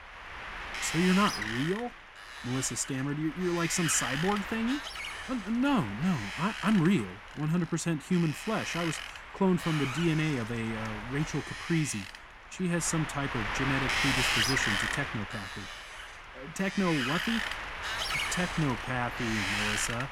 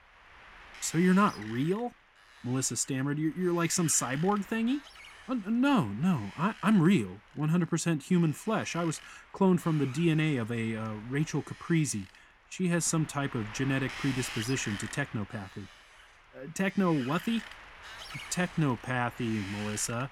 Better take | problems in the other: second | wind noise on the microphone; heavy; 1 dB above the speech; occasional gusts in the second

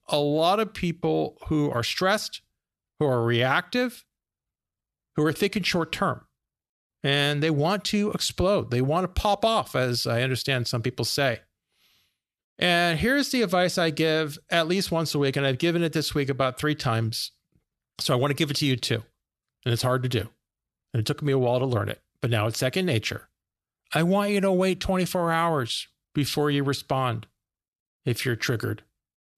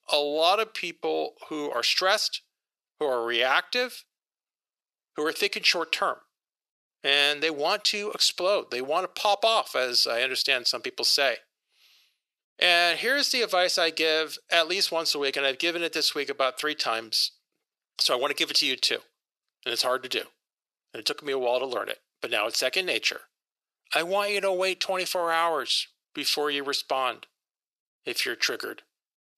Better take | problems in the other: first | thin; very; fading below 400 Hz

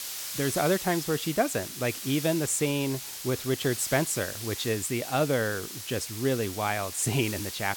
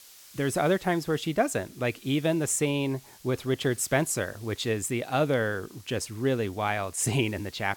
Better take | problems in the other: second | hiss; loud; throughout; 7 dB below the speech; faint in the second

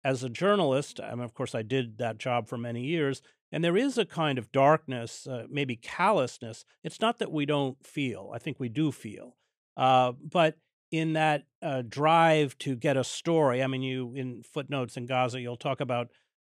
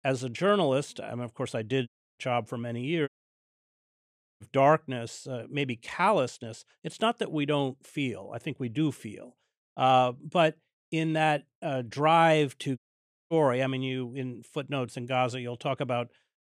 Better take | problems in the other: first | audio cutting out; at 2 s, at 3 s for 1.5 s and at 13 s for 0.5 s

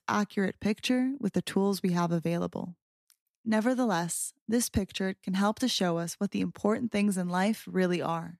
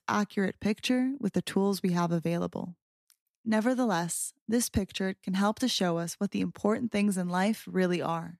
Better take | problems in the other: neither | none

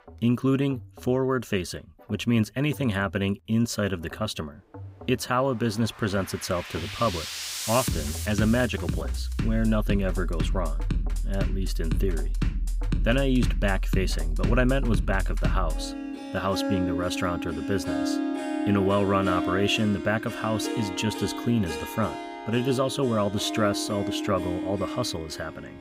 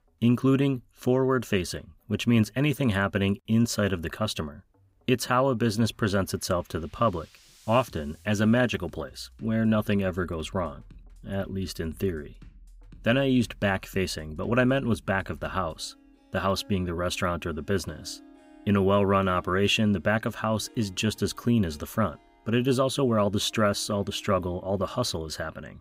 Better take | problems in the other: second | background music; loud; throughout; 4 dB below the speech; faint in the second

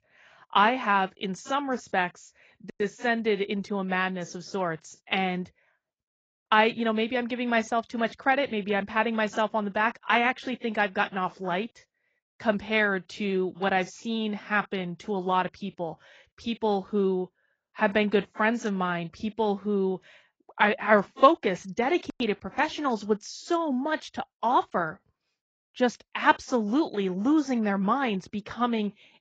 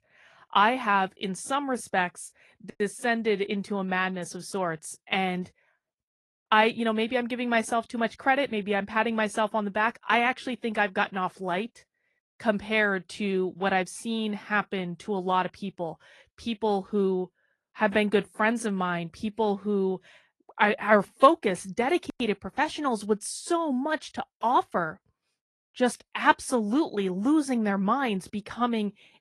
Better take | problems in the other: second | garbled, watery; badly; nothing above 7.5 kHz; slightly in the second

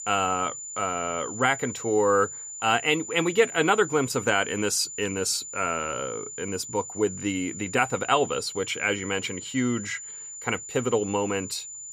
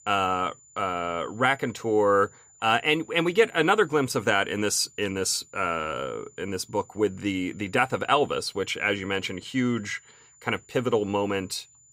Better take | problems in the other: second | high-pitched whine; loud; throughout; 7 kHz, 10 dB below the speech; faint in the second

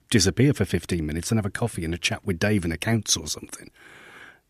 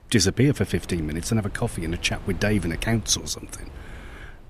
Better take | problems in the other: first | wind noise on the microphone; occasional gusts; 20 dB below the speech

